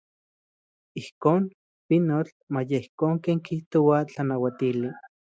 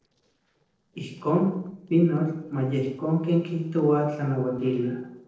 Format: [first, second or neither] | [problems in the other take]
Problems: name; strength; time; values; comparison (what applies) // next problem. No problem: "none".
first | noise reduction (neural separator model SepFormer DNS4)